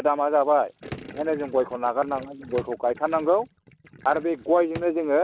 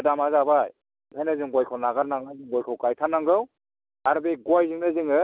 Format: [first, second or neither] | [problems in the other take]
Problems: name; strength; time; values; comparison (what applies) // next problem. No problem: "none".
second | background sound (Gurgling + Drawer open or close); 19 dB below the speech